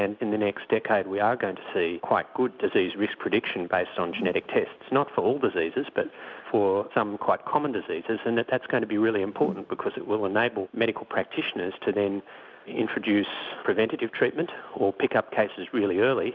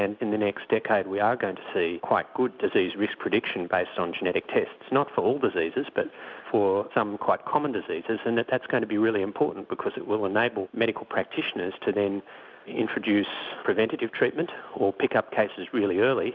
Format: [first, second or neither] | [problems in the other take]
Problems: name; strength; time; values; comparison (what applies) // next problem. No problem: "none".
second | background sound (Whoosh, swoosh, swish); 16 dB below the speech